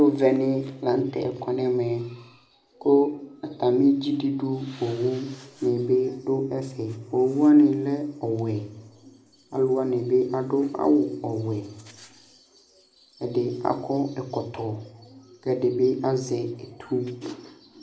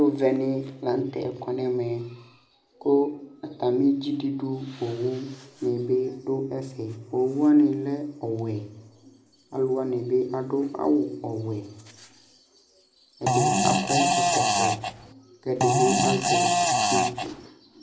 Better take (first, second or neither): first